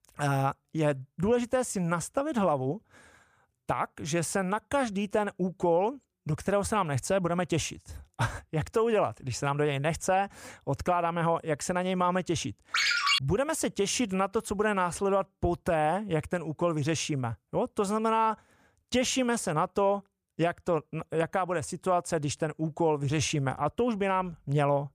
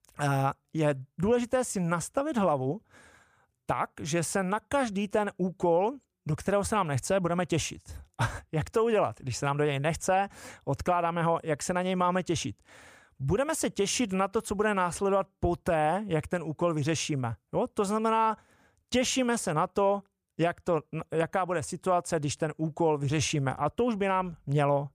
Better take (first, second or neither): second